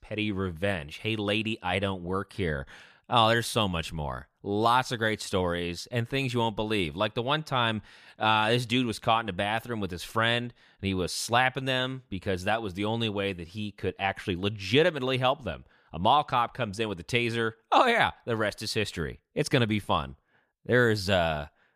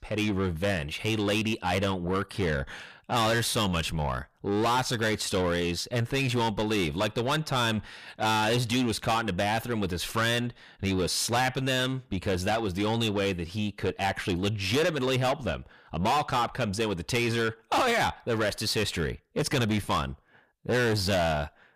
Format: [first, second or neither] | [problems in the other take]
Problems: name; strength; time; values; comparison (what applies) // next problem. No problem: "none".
first | distortion; heavy; 6 dB below the speech